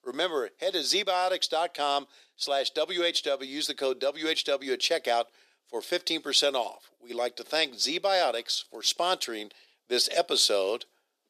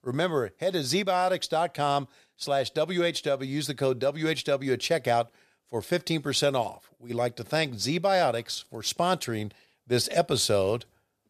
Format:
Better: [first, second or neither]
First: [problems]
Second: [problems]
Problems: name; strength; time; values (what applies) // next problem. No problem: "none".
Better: second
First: thin; somewhat; fading below 300 Hz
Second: none